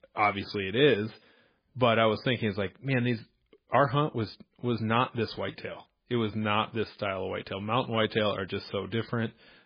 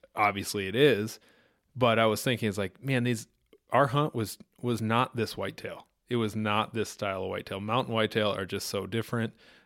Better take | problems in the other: second | garbled, watery; badly; nothing above 5 kHz

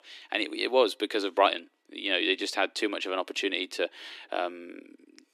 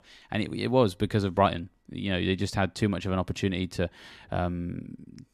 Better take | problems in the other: second | thin; somewhat; fading below 300 Hz

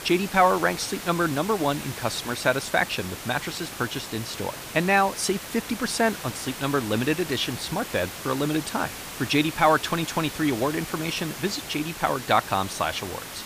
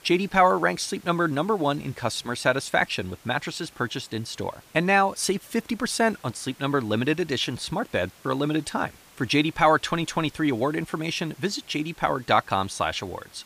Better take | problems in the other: second | hiss; loud; throughout; 10 dB below the speech; faint in the second

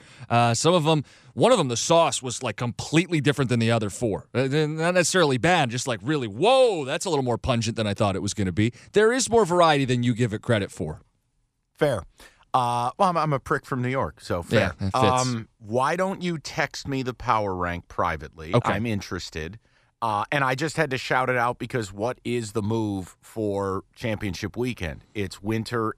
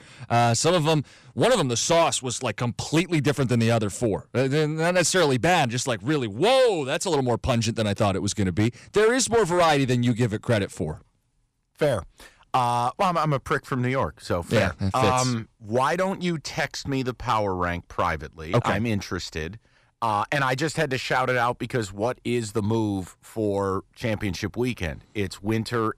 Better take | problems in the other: first | distortion; slight; 4% of the sound clipped

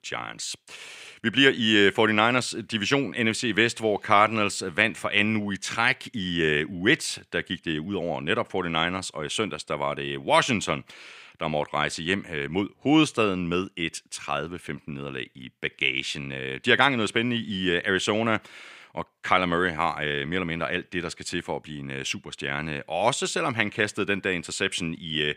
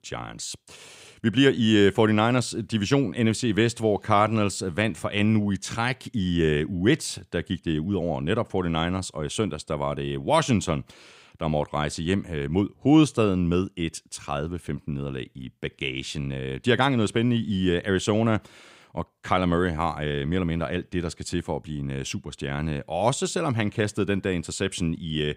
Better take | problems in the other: second | thin; very slightly; fading below 500 Hz

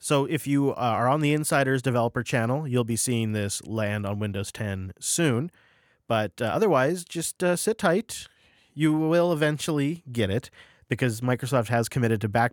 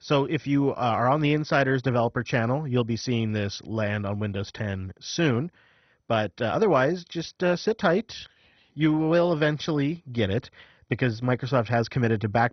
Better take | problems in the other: first | garbled, watery; badly; nothing above 6 kHz

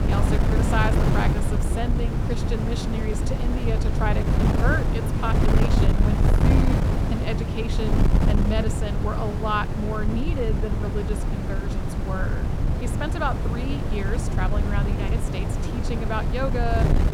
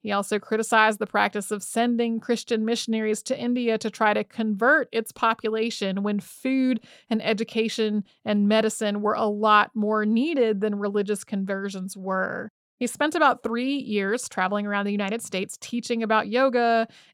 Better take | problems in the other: second | wind noise on the microphone; heavy; 1 dB below the speech

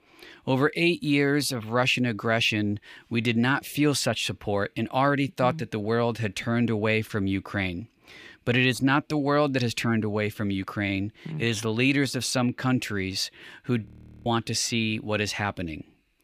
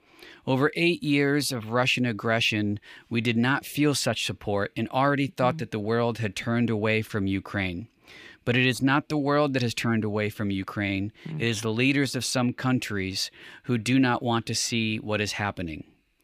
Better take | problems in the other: second | audio freezing; at 14 s

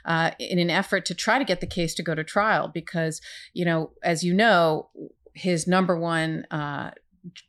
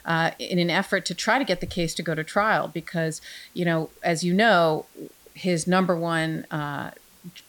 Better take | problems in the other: first | hiss; faint; throughout; 30 dB below the speech

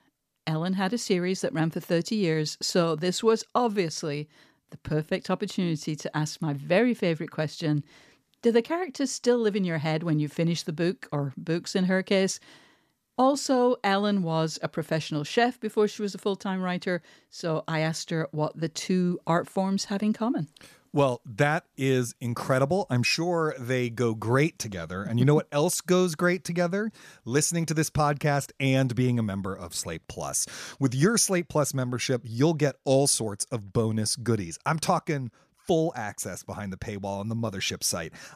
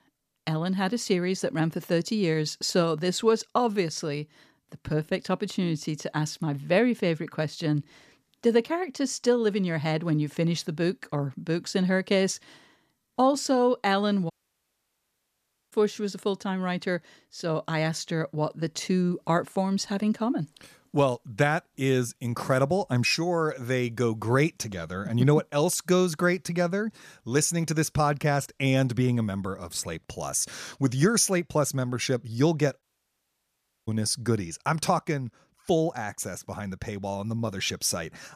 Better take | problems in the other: first | audio cutting out; at 14 s for 1.5 s and at 33 s for 1 s

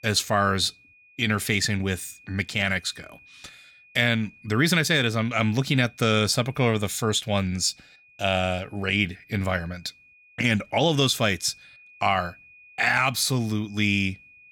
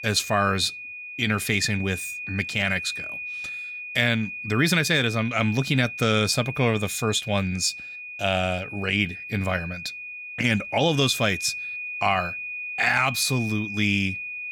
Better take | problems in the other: first | high-pitched whine; loud; throughout; 2.5 kHz, 8 dB below the speech; faint in the first

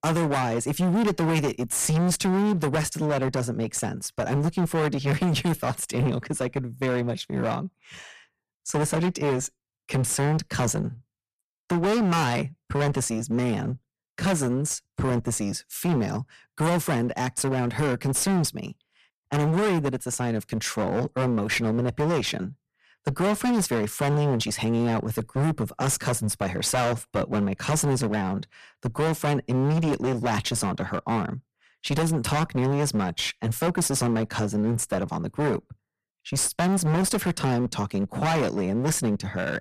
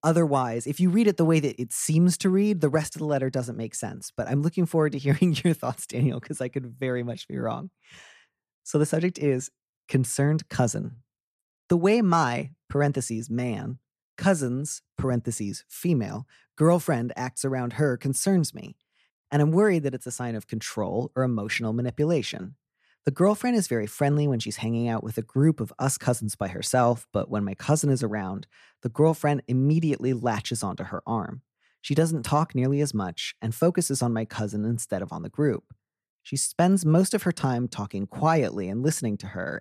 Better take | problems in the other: second | distortion; heavy; 23% of the sound clipped

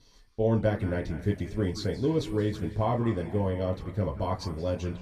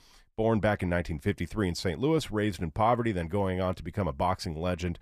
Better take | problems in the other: second | room echo; noticeable; dies away in 1.4 s // off-mic speech; far

